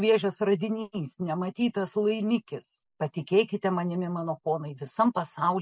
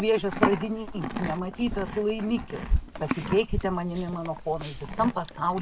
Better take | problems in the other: first | background sound (Livestock, farm animals, working animals); 3 dB below the speech

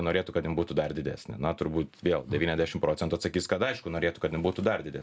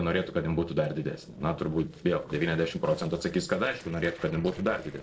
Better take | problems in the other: first | noise reduction (neural separator model SepFormer DNS4)

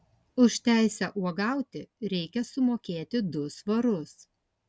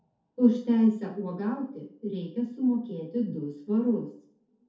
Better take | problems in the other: first | room echo; dies away in 0.5 s

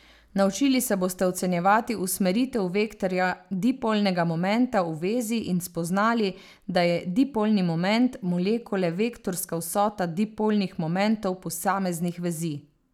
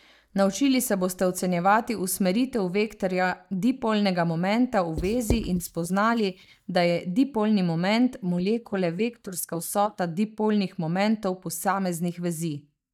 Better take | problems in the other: first | noise reduction (neural mask model DeepFilterNet 3)

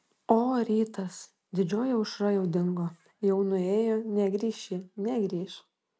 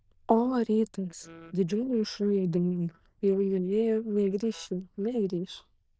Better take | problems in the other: first | noise reduction (neural diffusion model UNIVERSE++)

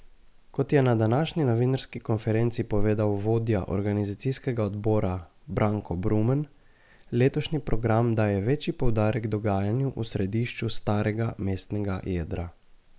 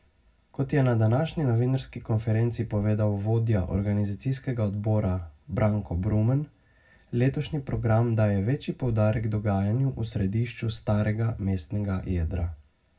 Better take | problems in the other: first | room echo; dies away in 0.4 s

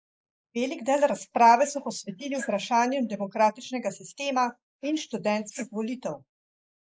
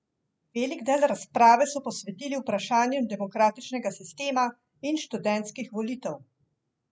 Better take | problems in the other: second | noise reduction (neural mask model Resemble Enhance denoiser)

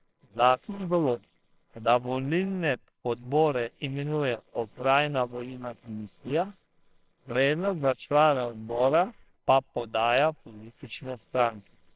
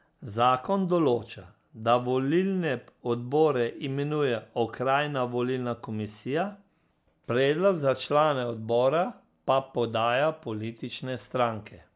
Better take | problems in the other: second | noise reduction (neural separator model SepFormer WHAMR!)

